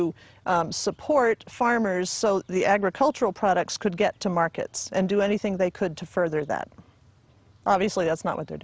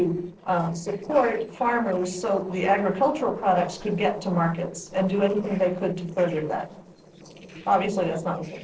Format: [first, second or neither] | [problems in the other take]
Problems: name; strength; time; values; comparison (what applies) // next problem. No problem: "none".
first | noise reduction (neural separator model SepFormer DNS4)